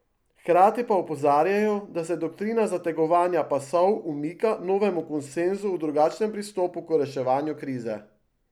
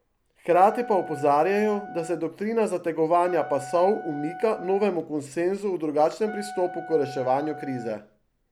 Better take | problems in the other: first | background sound (Wind instrument, woodwind instrument); 15 dB below the speech

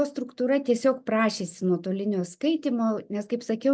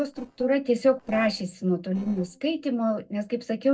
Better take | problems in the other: first | noise reduction (neural separator model SepFormer DNS4)

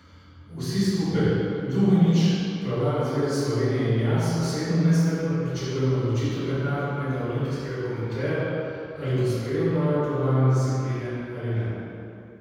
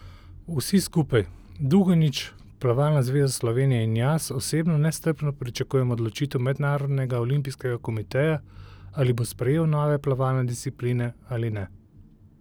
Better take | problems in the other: second | room echo; dies away in 2.1 s

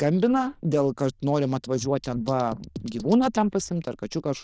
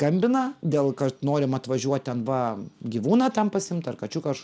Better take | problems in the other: second | noise reduction (neural diffusion model UNIVERSE++)

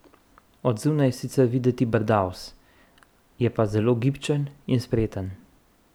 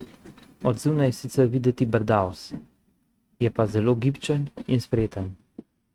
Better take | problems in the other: first | noise reduction (neural mask model RNNoise)

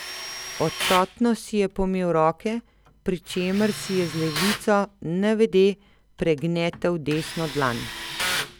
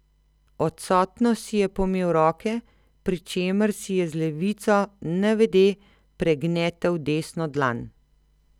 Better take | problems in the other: second | background sound (Tools); 10 dB below the speech

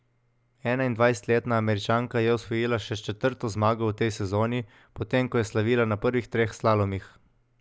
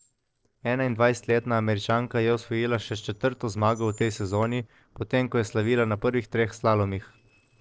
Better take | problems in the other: first | noise reduction (neural separator model SepFormer DNS4)

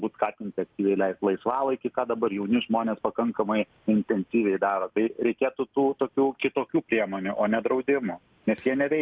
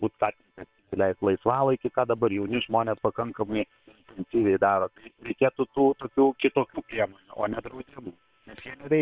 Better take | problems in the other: first | noise reduction (neural separator model SepFormer WHAM!)

